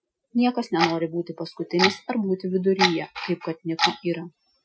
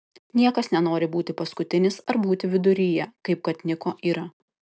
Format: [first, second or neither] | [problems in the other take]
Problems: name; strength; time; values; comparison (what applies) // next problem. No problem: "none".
second | noise reduction (classical method Wiener filter)